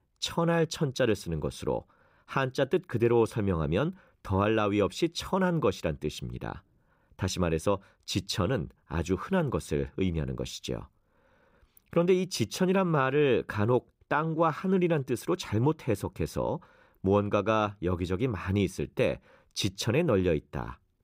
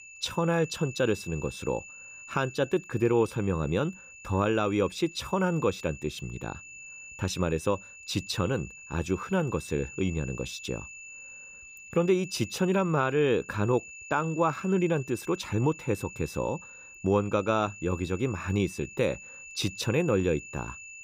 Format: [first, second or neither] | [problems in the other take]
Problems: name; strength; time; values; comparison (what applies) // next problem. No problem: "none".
first | high-pitched whine; noticeable; throughout; 2.5 kHz, 15 dB below the speech